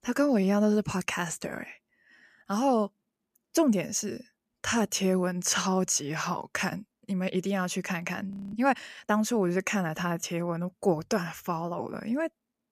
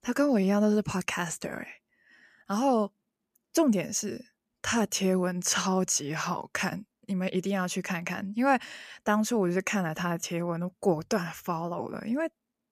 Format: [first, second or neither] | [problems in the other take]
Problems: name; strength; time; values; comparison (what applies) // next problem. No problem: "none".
second | audio freezing; at 8.5 s